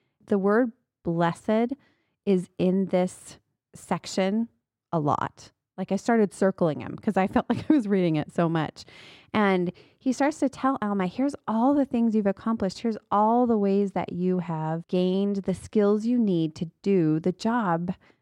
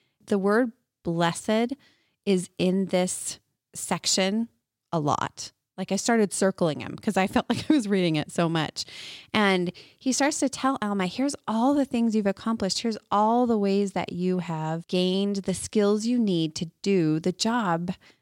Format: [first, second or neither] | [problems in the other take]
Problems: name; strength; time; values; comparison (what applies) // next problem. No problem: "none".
second | muffled; slightly; fading above 2.5 kHz